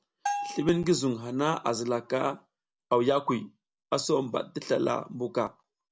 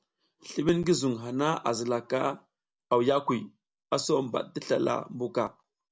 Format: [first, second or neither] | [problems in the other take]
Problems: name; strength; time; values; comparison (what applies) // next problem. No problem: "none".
second | background sound (Bell); 9 dB below the speech